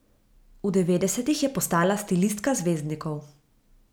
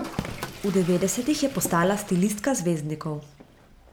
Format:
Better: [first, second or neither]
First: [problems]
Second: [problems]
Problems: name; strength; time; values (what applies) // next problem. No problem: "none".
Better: first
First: none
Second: background sound (Toilet flush + Fireworks); 13 dB below the speech